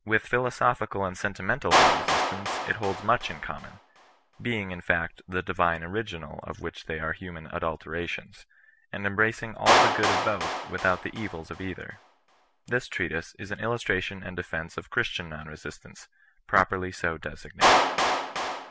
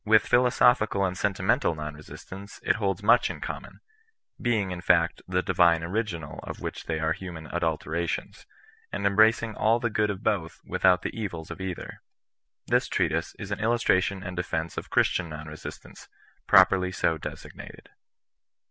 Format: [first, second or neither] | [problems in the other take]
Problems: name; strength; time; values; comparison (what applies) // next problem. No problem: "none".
second | background sound (Clapping); as loud as the speech